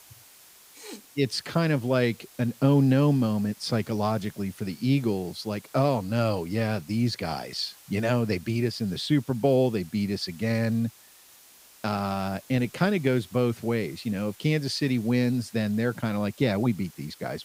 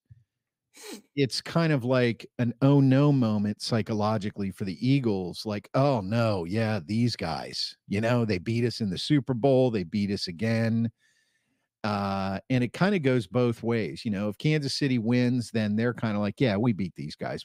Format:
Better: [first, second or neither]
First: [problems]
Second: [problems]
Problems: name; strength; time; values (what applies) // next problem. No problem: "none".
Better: second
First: hiss; faint; throughout; 25 dB below the speech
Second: none